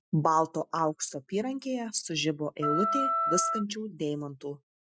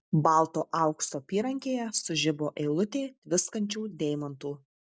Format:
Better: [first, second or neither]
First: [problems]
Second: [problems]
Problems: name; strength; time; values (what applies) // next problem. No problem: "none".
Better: second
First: noise reduction (classical method Wiener filter)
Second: none